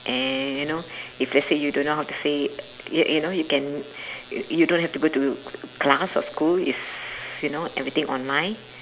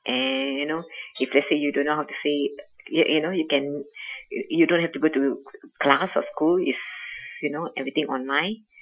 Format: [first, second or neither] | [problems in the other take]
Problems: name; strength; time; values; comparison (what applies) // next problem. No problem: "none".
first | noise reduction (classical method Wiener filter)